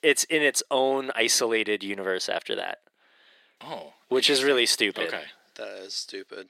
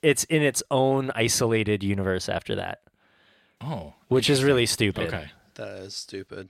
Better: second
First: thin; somewhat; fading below 300 Hz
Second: none

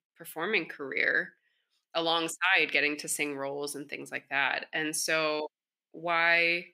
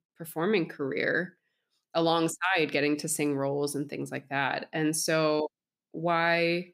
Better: second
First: thin; somewhat; fading below 1 kHz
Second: none

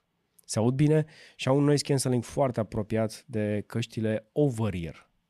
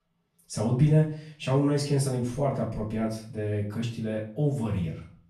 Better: first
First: none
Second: room echo; slight; dies away in 0.4 s // off-mic speech; far

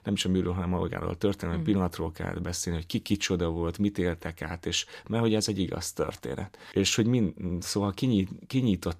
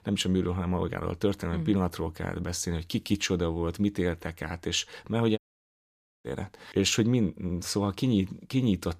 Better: first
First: none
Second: audio cutting out; at 5.5 s for 1 s

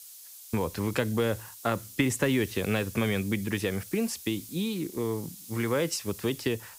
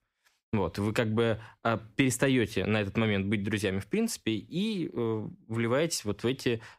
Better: second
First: hiss; noticeable; throughout; 15 dB below the speech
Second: none

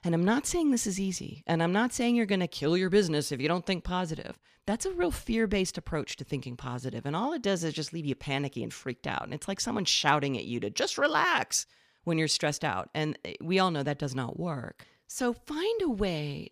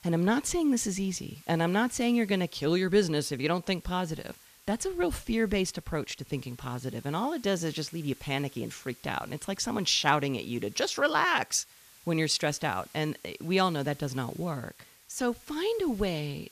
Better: first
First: none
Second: hiss; faint; throughout; 25 dB below the speech

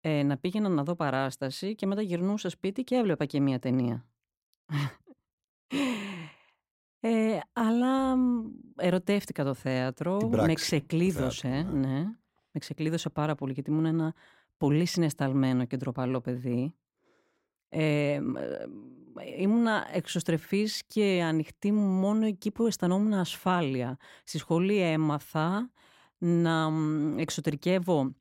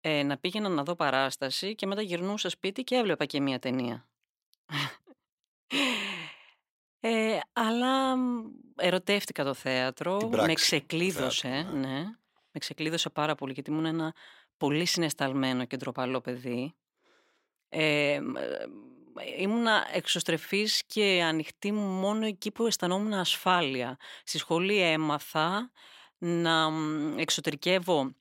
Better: first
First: none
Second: thin; very slightly; fading below 600 Hz

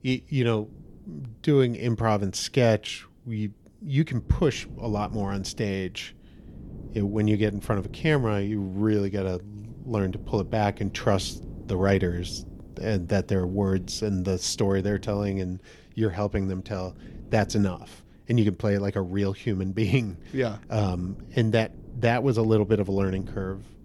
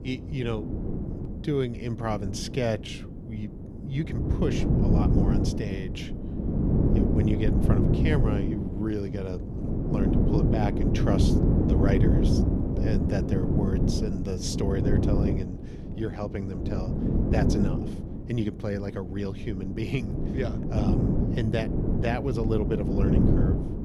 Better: first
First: wind noise on the microphone; occasional gusts; 25 dB below the speech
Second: wind noise on the microphone; heavy; 1 dB above the speech

